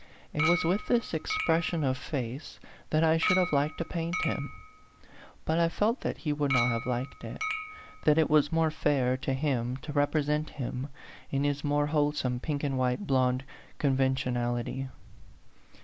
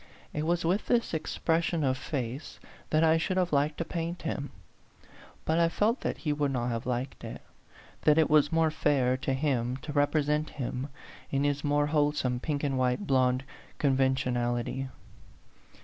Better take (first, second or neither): second